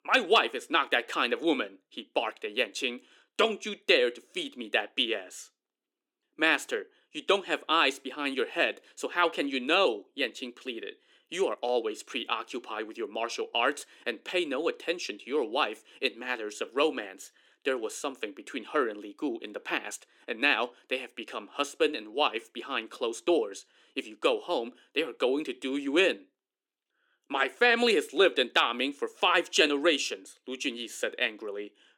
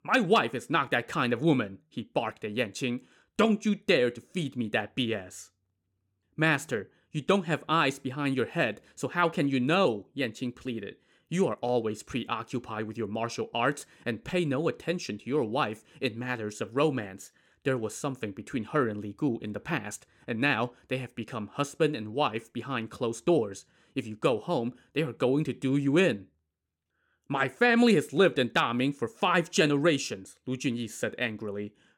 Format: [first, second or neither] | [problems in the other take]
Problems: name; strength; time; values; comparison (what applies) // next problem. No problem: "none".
second | thin; somewhat; fading below 300 Hz